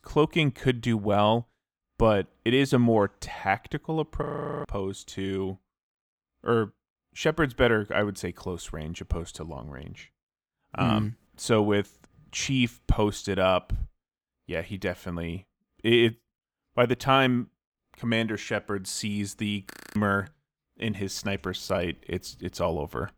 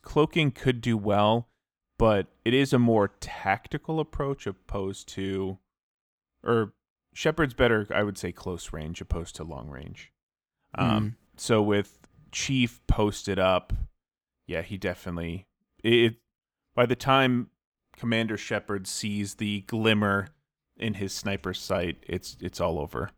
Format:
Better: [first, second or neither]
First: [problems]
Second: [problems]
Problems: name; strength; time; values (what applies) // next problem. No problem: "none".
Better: second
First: audio freezing; at 4 s and at 20 s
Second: none